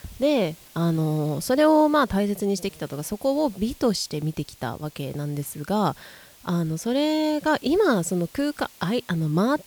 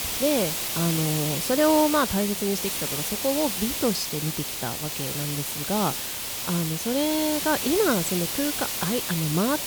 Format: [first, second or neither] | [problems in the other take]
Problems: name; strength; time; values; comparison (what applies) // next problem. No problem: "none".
first | hiss; loud; throughout; 1 dB below the speech; faint in the first